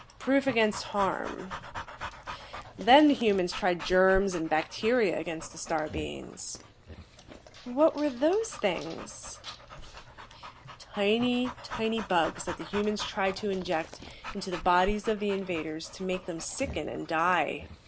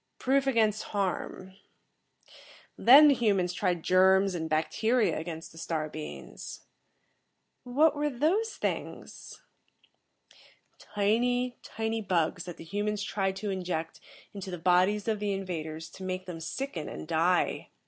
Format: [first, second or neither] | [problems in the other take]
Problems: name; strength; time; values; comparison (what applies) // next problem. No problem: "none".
second | background sound (Dog); 14 dB below the speech